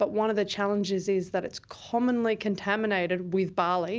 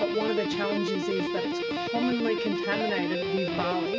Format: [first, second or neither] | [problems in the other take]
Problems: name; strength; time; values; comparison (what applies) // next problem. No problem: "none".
first | background sound (Guitar); 1 dB above the speech // room echo; dies away in 2 s